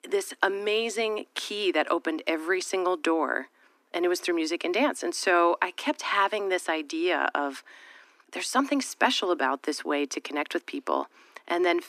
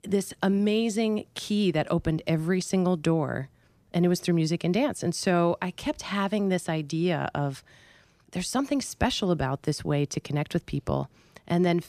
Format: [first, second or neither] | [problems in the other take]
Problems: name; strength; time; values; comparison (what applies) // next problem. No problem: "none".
second | thin; somewhat; fading below 250 Hz